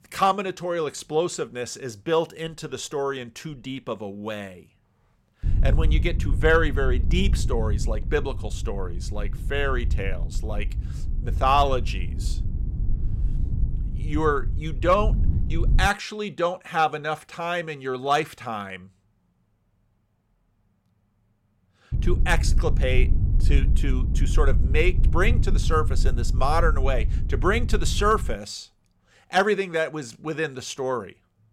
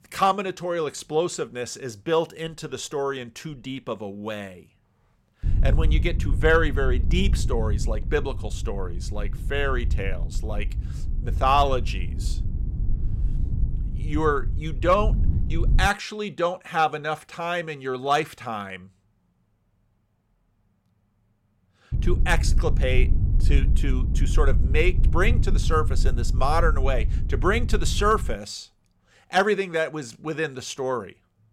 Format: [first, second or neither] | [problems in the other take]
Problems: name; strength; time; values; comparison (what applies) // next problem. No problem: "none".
neither | low rumble; noticeable; from 5.5 to 16 s and from 22 to 28 s; 15 dB below the speech; the same in both